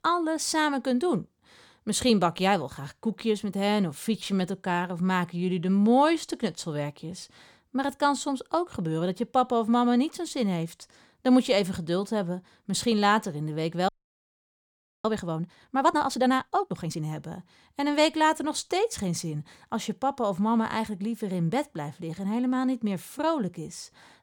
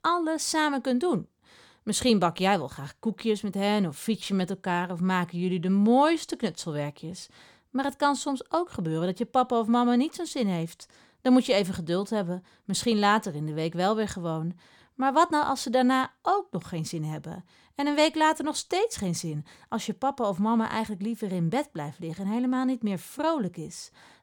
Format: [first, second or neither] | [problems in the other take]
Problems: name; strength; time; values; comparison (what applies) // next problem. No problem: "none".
second | audio freezing; at 14 s for 1 s